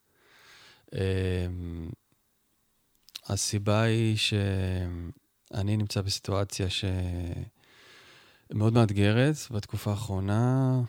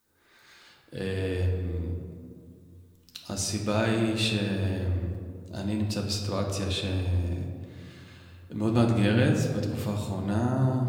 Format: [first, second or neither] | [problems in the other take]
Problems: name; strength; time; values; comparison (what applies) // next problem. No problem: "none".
first | room echo; slight; dies away in 1.7 s // off-mic speech; somewhat distant